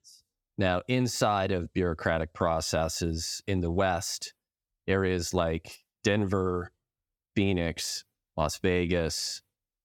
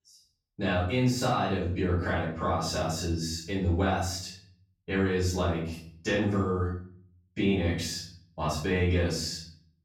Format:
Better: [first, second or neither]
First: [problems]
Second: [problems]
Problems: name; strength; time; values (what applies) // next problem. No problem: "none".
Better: first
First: none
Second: off-mic speech; far // room echo; noticeable; dies away in 0.5 s